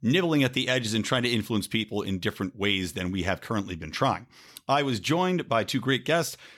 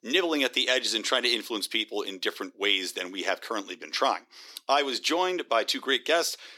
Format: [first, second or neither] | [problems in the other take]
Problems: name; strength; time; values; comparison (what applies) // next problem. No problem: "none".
first | thin; somewhat; fading below 300 Hz